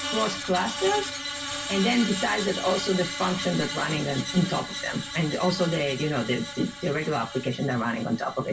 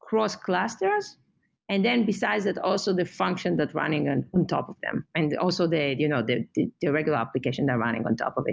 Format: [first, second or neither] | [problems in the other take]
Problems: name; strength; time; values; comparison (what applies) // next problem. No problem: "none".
second | background sound (Screech); 7 dB below the speech // room echo; dies away in 0.2 s